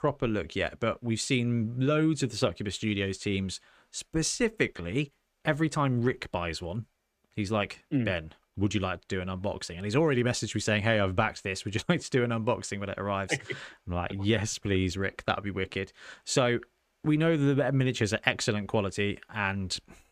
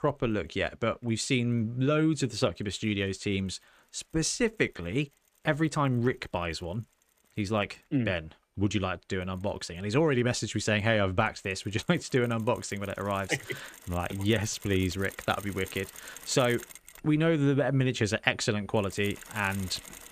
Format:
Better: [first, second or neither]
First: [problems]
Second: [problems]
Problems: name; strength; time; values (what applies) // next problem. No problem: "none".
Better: first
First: none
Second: machinery noise; noticeable; throughout; 15 dB below the speech